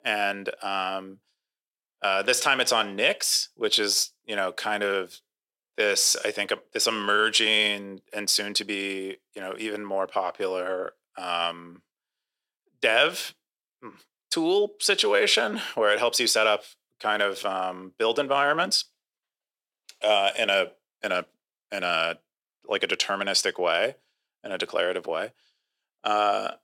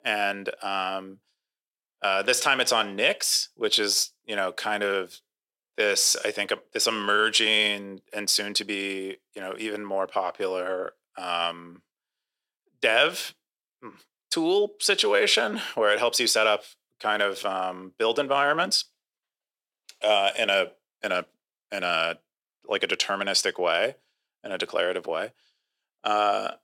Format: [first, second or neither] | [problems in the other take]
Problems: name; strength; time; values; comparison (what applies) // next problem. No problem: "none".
neither | thin; very; fading below 350 Hz; the same in both